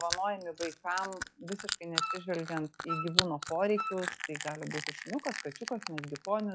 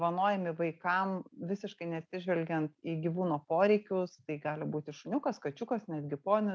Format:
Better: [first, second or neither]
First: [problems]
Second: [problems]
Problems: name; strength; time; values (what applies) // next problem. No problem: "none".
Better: second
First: noise reduction (classical method log-MMSE)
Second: none